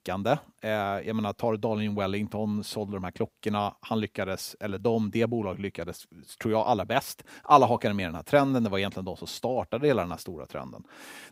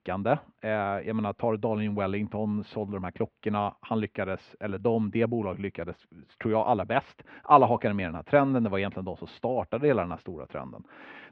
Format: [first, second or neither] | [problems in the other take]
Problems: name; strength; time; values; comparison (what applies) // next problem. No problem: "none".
first | muffled; very; fading above 3 kHz